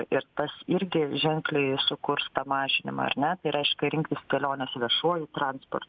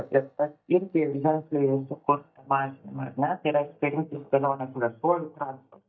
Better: first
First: none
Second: noise reduction (neural mask model DeepFilterNet 3)

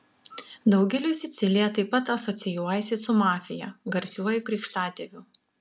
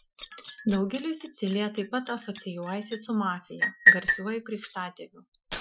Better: first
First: none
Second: noise reduction (classical method Wiener filter)

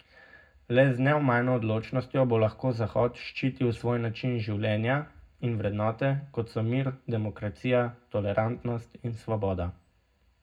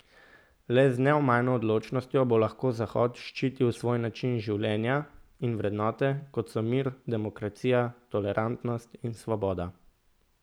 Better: second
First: room echo; dies away in 0.3 s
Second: none

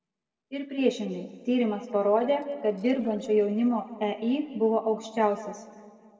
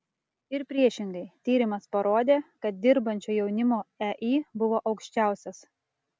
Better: second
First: noise reduction (neural separator model SepFormer DNS4)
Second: none

